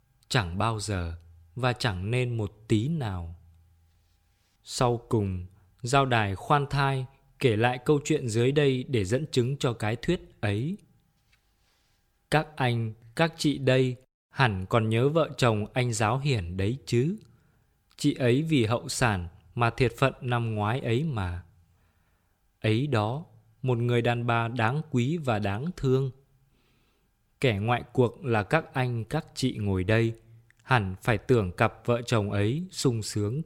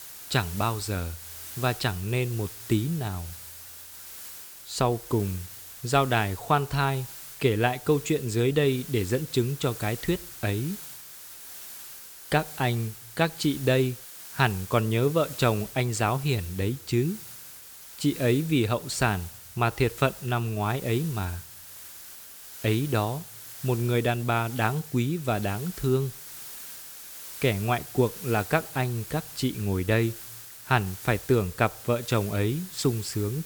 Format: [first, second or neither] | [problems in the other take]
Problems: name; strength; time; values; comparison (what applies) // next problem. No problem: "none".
first | hiss; noticeable; throughout; 15 dB below the speech